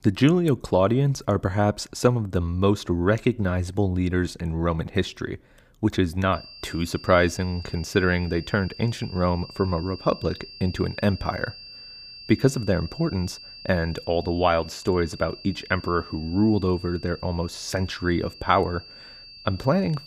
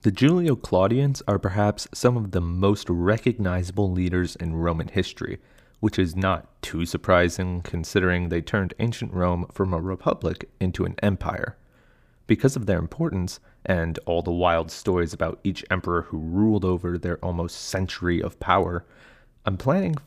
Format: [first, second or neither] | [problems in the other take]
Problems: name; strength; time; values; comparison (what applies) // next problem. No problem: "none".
second | high-pitched whine; noticeable; from 6.5 s on; 4.5 kHz, 15 dB below the speech